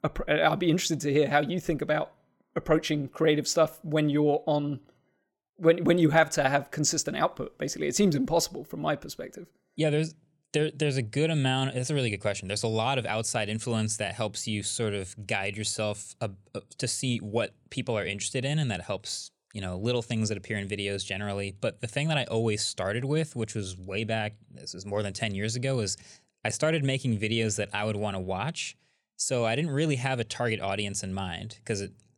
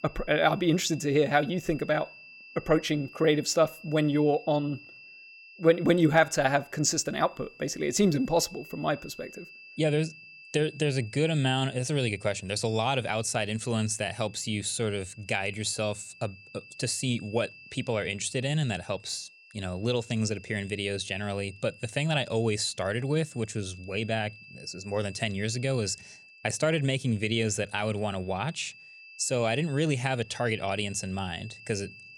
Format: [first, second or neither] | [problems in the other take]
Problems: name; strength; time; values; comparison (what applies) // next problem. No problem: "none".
first | high-pitched whine; faint; throughout; 2.5 kHz, 20 dB below the speech